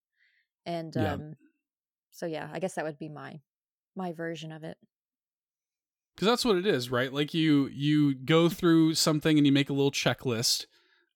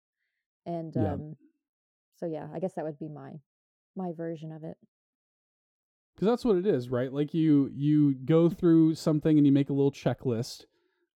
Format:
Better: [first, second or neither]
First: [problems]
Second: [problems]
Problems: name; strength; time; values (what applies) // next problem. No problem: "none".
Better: first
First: none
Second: muffled; slightly; fading above 1 kHz